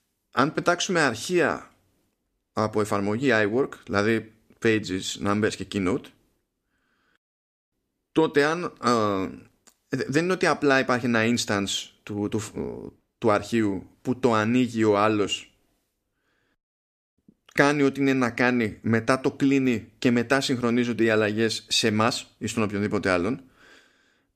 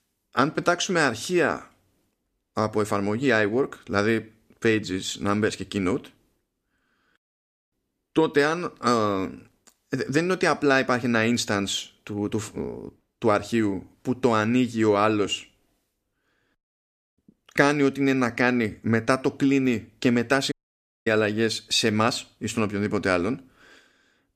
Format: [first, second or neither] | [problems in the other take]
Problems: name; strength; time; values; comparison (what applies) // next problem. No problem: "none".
first | audio cutting out; at 21 s for 0.5 s